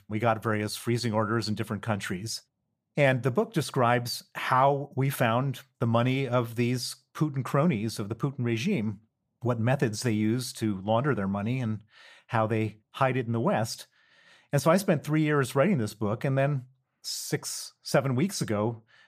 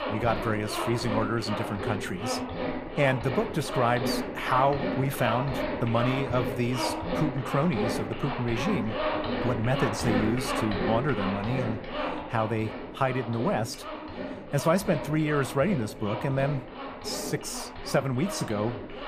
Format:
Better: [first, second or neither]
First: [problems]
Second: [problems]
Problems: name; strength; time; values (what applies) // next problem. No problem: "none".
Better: first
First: none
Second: household noises; loud; throughout; 4 dB below the speech